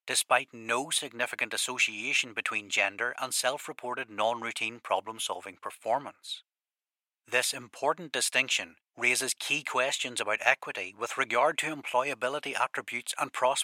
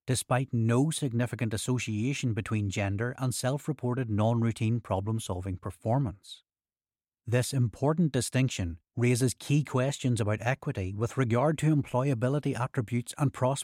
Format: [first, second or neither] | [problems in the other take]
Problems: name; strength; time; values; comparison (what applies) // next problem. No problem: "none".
second | thin; very; fading below 800 Hz